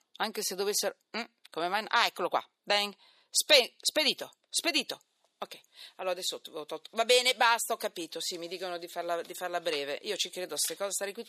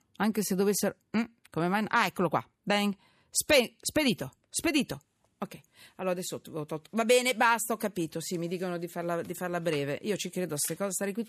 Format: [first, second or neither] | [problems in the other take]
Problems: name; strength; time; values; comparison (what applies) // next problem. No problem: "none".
second | thin; somewhat; fading below 500 Hz